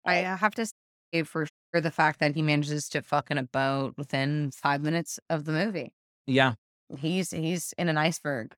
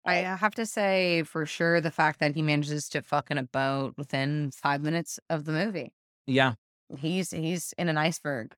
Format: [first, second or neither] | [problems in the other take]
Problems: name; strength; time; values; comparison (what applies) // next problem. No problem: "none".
second | audio cutting out; at 0.5 s and at 1.5 s